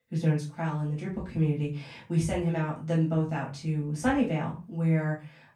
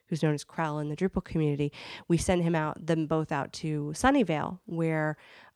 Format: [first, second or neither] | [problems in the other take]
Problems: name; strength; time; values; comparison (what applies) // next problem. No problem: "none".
second | off-mic speech; far // room echo; slight; dies away in 0.3 s